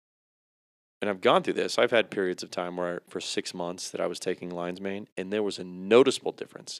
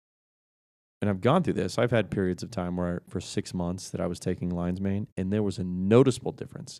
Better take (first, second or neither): second